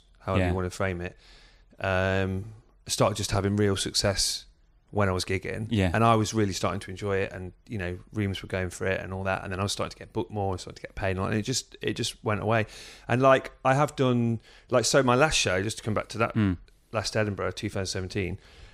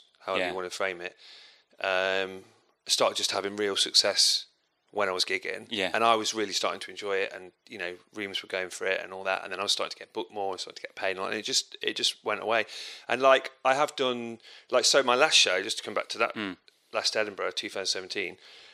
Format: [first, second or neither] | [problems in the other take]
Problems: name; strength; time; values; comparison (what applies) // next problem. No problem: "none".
first | thin; somewhat; fading below 450 Hz